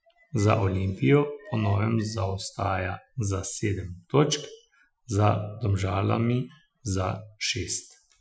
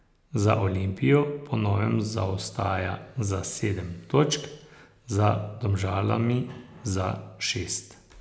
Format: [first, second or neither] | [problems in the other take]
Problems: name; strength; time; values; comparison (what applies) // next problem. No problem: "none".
second | noise reduction (classical method Wiener filter)